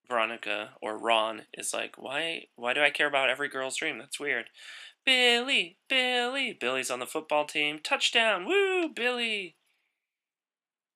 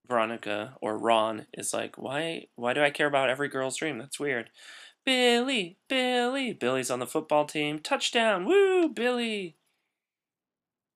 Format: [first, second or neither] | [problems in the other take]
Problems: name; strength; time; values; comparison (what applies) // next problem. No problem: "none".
second | thin; very slightly; fading below 900 Hz